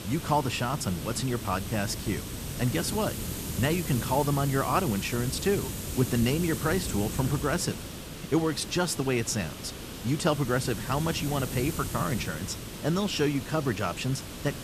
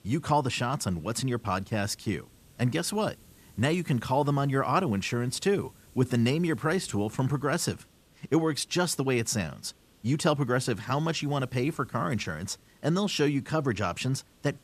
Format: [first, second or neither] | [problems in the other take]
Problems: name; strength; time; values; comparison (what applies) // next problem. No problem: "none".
second | hiss; loud; throughout; 7 dB below the speech; faint in the second